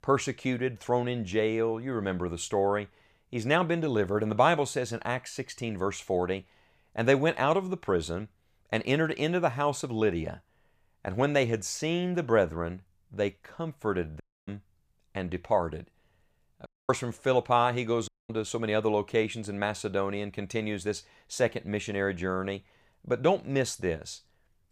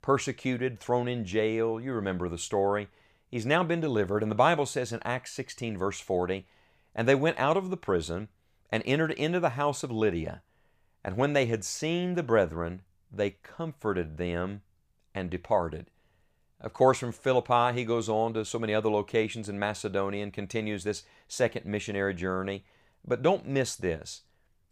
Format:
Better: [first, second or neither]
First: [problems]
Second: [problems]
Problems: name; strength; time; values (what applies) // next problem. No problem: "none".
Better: second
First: audio cutting out; at 14 s, at 17 s and at 18 s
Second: none